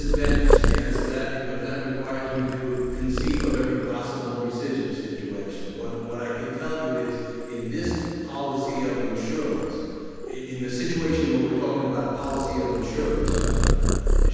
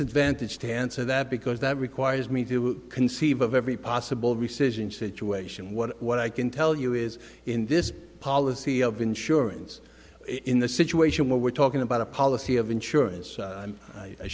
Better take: second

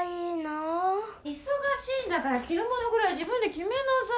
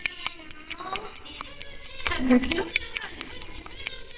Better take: first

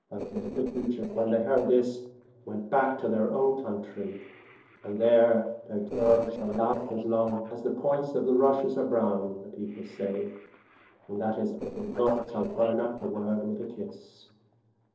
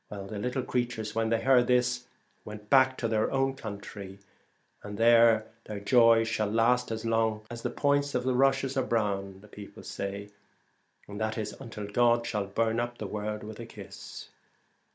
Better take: second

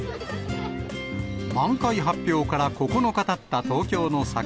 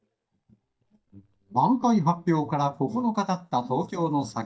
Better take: first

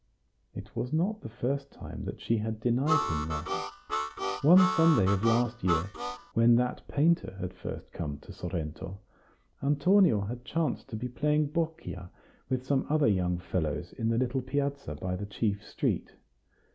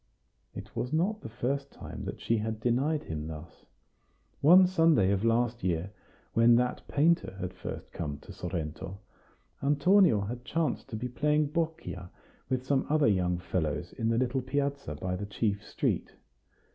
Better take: second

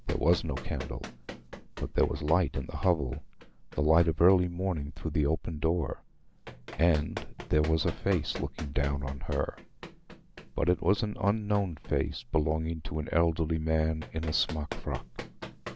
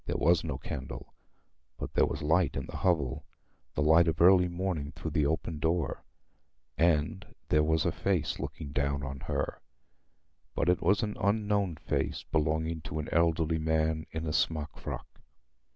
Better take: second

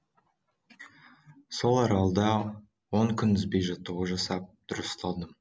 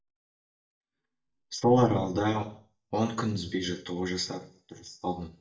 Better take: first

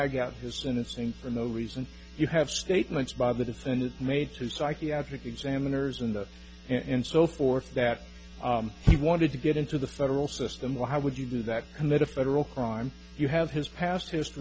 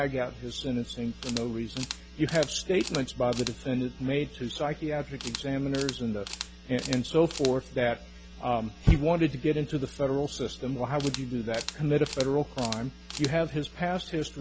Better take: first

